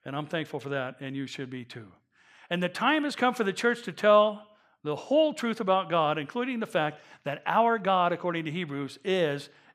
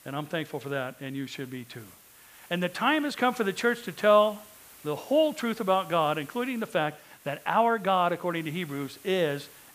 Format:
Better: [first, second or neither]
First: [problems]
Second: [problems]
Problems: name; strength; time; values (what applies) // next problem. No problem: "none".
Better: first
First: none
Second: hiss; faint; throughout; 25 dB below the speech